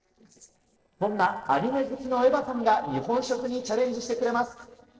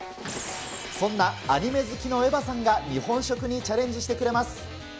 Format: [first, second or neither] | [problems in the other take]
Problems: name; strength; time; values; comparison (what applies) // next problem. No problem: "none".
second | noise reduction (neural separator model SepFormer DNS4)